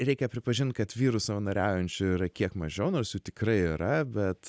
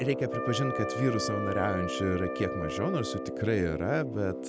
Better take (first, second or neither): first